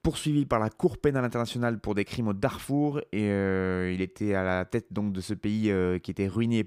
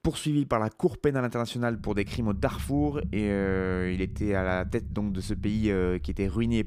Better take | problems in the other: first | low rumble; noticeable; from 1.5 s on; 20 dB below the speech

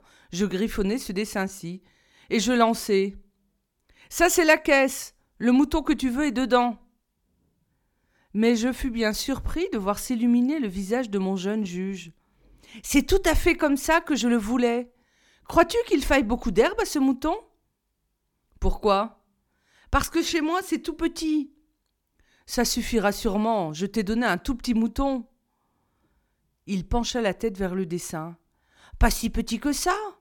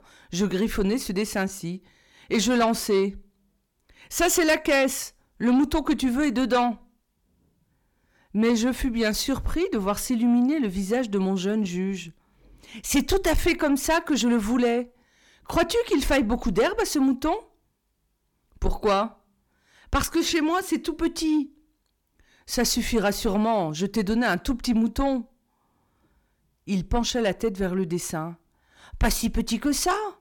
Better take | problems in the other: first | distortion; slight; 10 dB below the speech

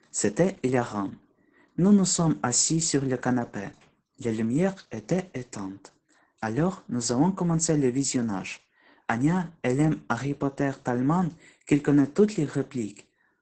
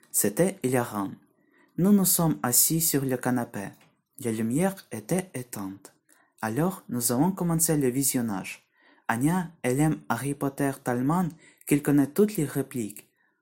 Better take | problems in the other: second | garbled, watery; badly; nothing above 8 kHz

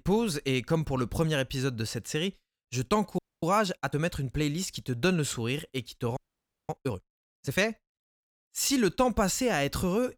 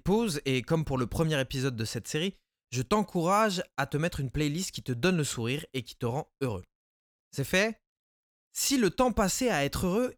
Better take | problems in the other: second | audio freezing; at 3 s and at 6 s for 0.5 s

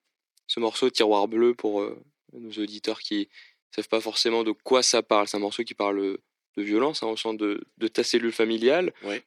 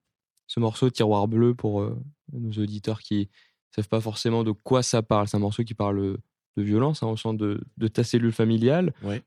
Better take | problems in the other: second | thin; somewhat; fading below 300 Hz

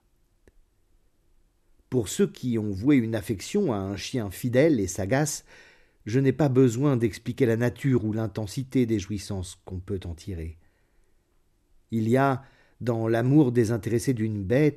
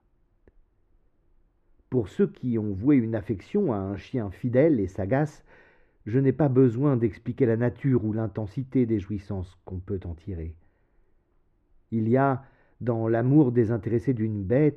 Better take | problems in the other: first | muffled; very; fading above 3.5 kHz

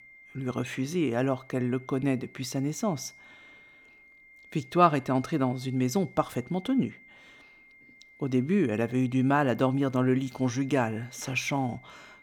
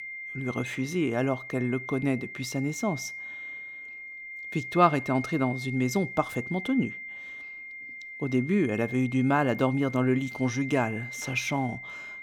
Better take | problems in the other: first | high-pitched whine; loud; throughout; 2 kHz, 10 dB below the speech; faint in the first

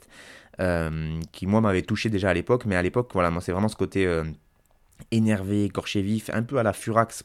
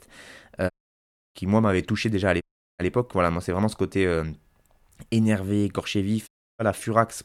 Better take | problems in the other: first | audio cutting out; at 0.5 s for 0.5 s, at 2.5 s and at 6.5 s

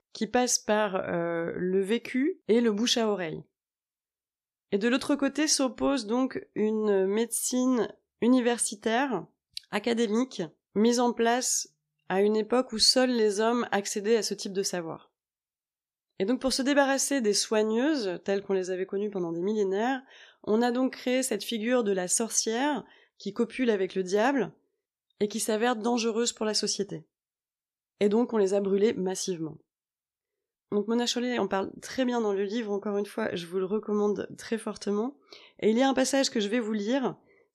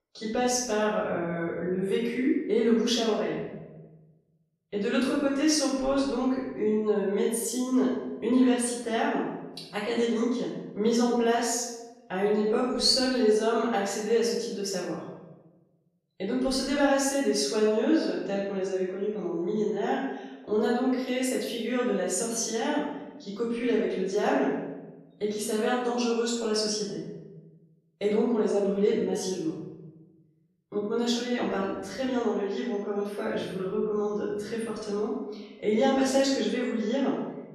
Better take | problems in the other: first | off-mic speech; far // room echo; noticeable; dies away in 1.1 s

